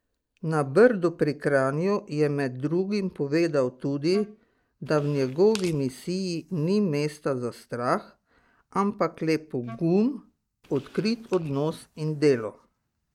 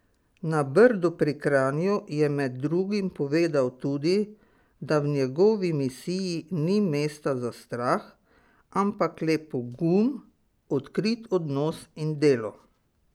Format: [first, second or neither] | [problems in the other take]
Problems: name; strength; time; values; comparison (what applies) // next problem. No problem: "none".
second | noise reduction (neural mask model DeepFilterNet 3)